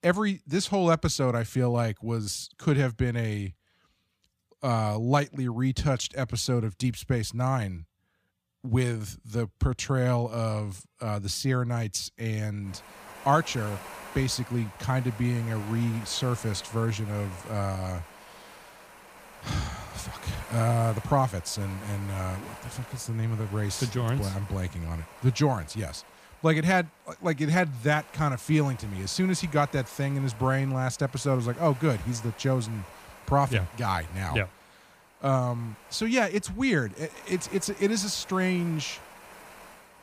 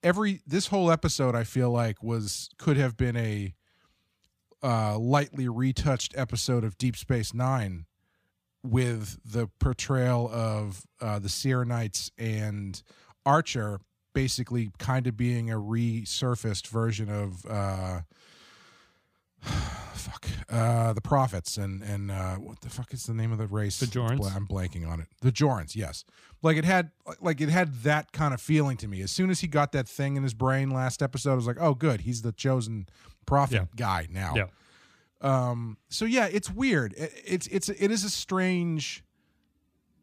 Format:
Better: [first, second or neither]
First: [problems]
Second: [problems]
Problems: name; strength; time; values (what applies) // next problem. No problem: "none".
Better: second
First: wind noise on the microphone; occasional gusts; from 13 s on; 15 dB below the speech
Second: none